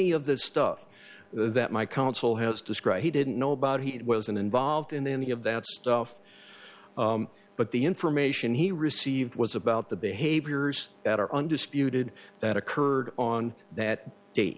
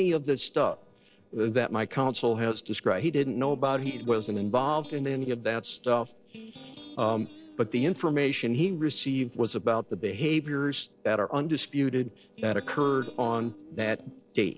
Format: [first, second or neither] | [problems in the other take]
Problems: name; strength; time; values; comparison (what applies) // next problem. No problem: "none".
first | noise reduction (neural separator model SepFormer DNS4)